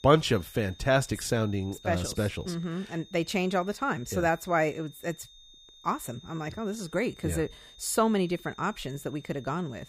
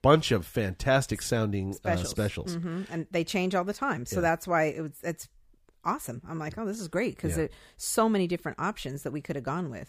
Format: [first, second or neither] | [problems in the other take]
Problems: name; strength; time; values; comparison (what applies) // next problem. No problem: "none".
second | high-pitched whine; faint; throughout; 3.5 kHz, 20 dB below the speech